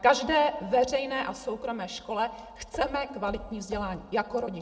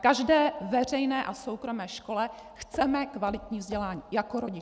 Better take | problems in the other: second | room echo; dies away in 1.3 s

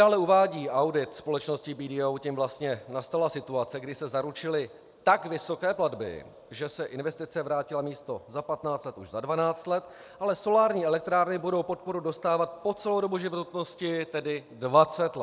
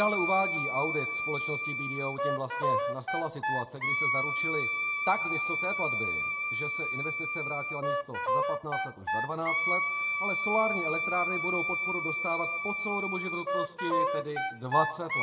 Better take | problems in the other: first | background sound (Wind instrument, woodwind instrument); 3 dB above the speech // room echo; dies away in 1.6 s

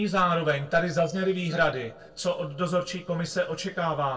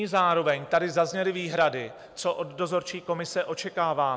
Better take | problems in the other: second | noise reduction (neural separator model SepFormer DNS4)

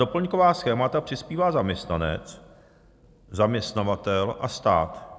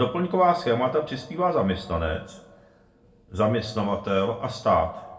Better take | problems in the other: first | room echo; dies away in 0.3 s

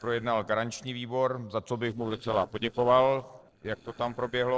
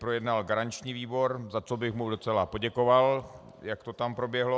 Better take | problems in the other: second | noise reduction (neural separator model SepFormer DNS4)

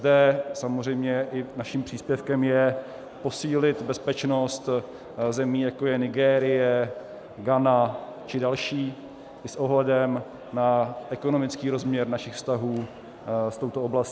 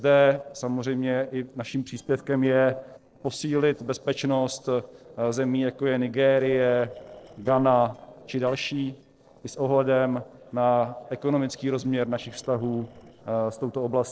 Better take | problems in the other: first | noise reduction (neural separator model SepFormer DNS4)

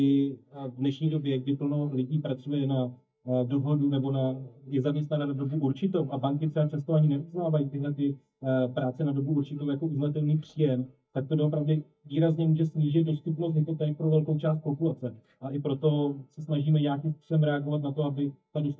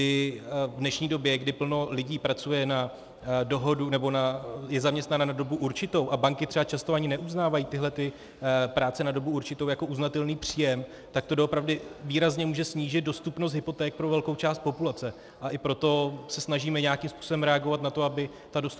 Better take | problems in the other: second | noise reduction (neural mask model DeepFilterNet 3)

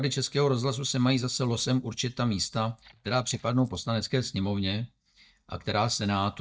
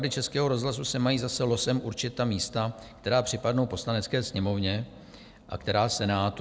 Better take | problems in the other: second | noise reduction (neural mask model DeepFilterNet 3)

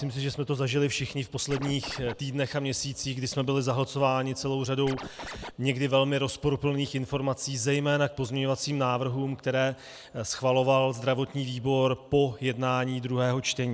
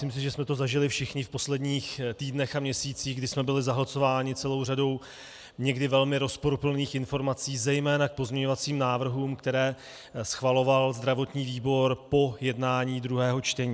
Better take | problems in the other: second | background sound (Scratching (performance technique)); 12 dB below the speech

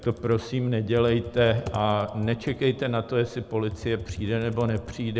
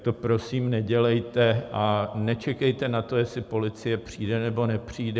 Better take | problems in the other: second | background sound (Computer keyboard); 16 dB below the speech

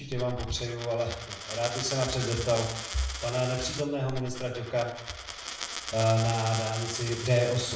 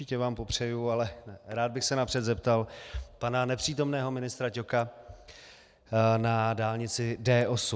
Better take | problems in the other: second | background sound (Coin (dropping)); 9 dB below the speech // room echo; dies away in 0.6 s

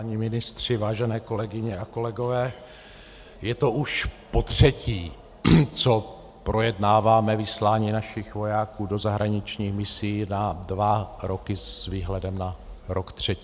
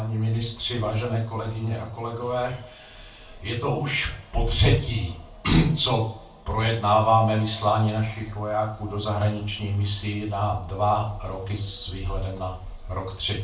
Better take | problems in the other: first | room echo; dies away in 0.3 s

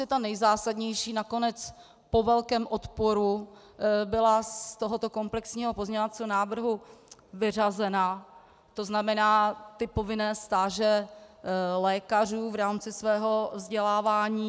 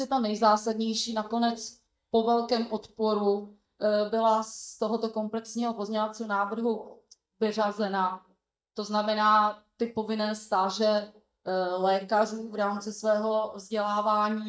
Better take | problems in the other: first | noise reduction (neural mask model DeepFilterNet 3)

